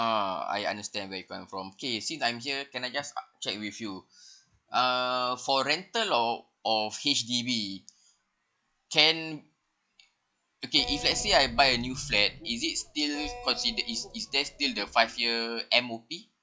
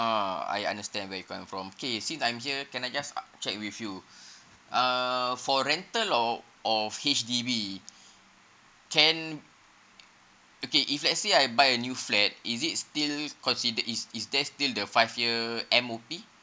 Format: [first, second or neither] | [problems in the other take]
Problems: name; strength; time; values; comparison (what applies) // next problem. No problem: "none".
second | noise reduction (classical method log-MMSE)